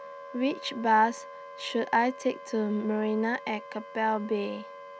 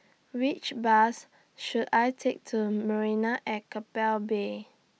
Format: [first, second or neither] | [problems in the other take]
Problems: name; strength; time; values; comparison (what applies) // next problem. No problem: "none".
second | background sound (Wind instrument, woodwind instrument); 15 dB below the speech